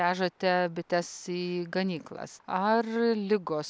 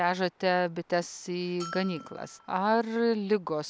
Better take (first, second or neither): first